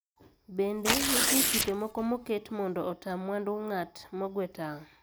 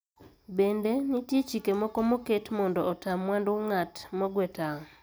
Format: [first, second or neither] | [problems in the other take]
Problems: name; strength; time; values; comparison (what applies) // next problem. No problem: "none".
second | background sound (Tearing); 4 dB above the speech